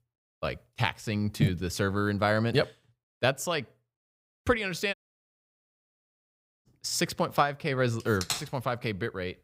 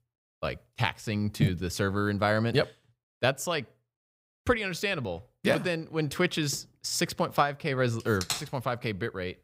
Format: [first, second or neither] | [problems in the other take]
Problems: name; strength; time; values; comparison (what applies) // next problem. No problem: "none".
second | audio cutting out; at 5 s for 1.5 s